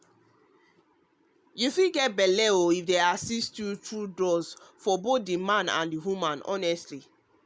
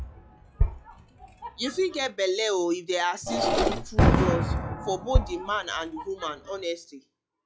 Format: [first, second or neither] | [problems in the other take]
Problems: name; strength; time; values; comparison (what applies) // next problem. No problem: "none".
first | noise reduction (classical method log-MMSE)